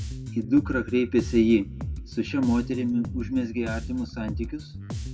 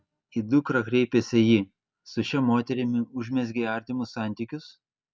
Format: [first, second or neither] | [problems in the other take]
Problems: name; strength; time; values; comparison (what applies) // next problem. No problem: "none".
second | background sound (Bass guitar); 8 dB below the speech // room echo; dies away in 0.2 s